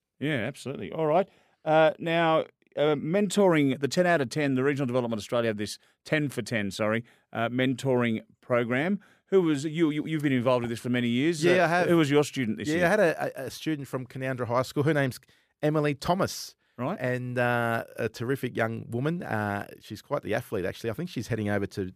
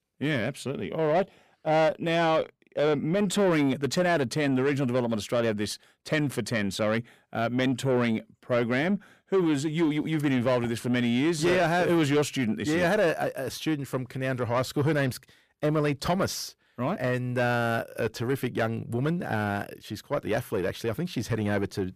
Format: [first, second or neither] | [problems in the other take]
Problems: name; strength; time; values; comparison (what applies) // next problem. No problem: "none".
first | distortion; slight; 10 dB below the speech